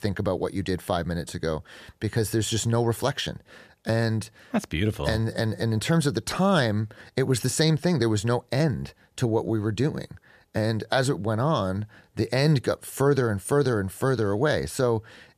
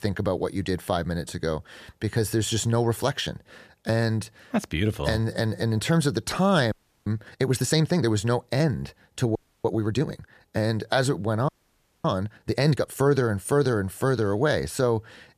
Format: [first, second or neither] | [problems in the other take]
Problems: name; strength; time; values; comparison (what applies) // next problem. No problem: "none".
first | audio freezing; at 6.5 s, at 9.5 s and at 11 s for 0.5 s